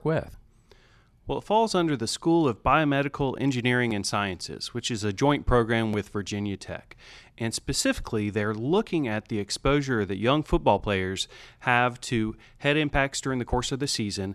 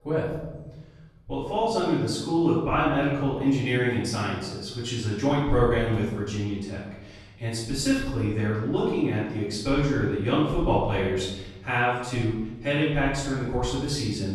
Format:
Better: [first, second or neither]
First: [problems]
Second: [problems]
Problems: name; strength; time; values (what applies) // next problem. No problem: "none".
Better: first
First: none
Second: off-mic speech; far // room echo; noticeable; dies away in 1.1 s